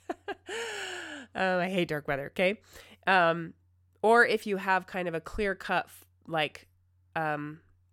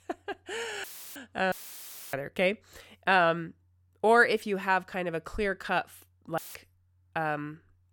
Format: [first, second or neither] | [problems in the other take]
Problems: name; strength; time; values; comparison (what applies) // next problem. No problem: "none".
first | audio cutting out; filled with static; at 1 s, at 1.5 s for 0.5 s and at 6.5 s